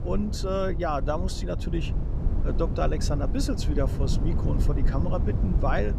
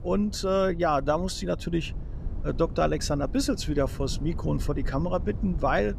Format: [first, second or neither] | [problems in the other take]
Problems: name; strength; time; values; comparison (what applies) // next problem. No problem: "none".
second | low rumble; loud; throughout; 9 dB below the speech; faint in the second